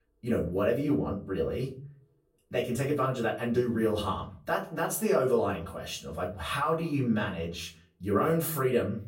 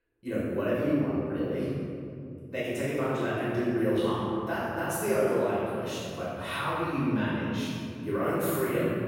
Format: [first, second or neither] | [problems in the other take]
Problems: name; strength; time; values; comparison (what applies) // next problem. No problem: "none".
first | room echo; strong; dies away in 3 s; slight in the first // off-mic speech; far; far in the first